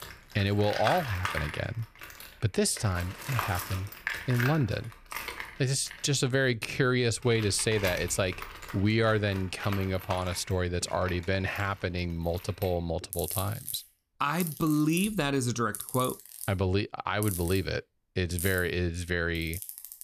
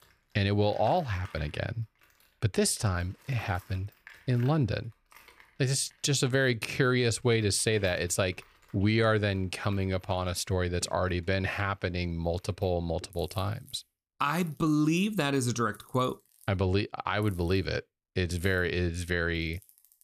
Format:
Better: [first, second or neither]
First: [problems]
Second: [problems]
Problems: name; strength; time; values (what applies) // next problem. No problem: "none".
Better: second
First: machinery noise; loud; throughout; 9 dB below the speech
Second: machinery noise; faint; throughout; 25 dB below the speech